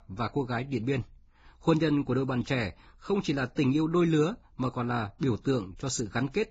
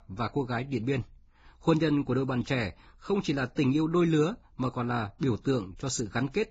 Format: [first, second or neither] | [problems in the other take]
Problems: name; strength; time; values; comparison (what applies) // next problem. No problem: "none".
neither | garbled, watery; badly; nothing above 7.5 kHz; the same in both